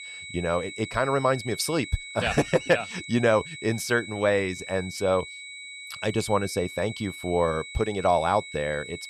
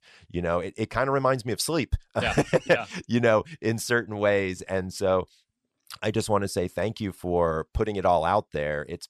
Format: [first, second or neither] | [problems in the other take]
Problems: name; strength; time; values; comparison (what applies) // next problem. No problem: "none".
second | high-pitched whine; noticeable; throughout; 2 kHz, 10 dB below the speech